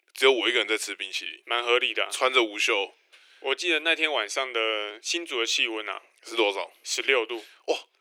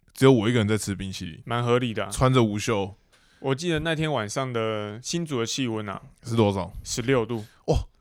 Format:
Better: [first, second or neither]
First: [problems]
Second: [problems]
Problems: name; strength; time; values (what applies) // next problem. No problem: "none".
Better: second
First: thin; very; fading below 350 Hz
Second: none